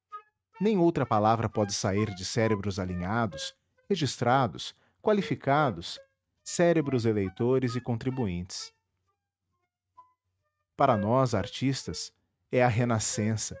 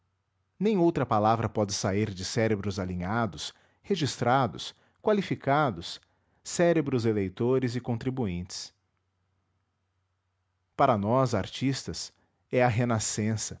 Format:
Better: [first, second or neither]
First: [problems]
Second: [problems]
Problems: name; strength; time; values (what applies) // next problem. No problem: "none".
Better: second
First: noise reduction (neural mask model RNNoise)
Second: none